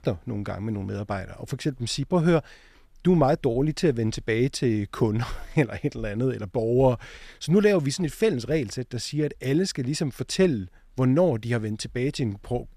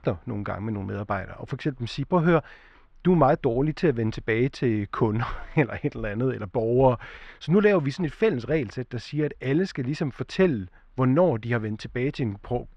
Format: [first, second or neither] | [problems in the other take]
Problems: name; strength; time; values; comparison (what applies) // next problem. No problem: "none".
first | muffled; slightly; fading above 2.5 kHz